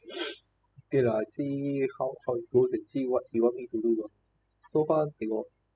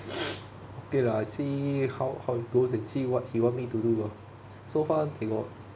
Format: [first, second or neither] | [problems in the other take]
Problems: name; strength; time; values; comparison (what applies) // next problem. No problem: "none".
second | noise reduction (classical method spectral subtraction)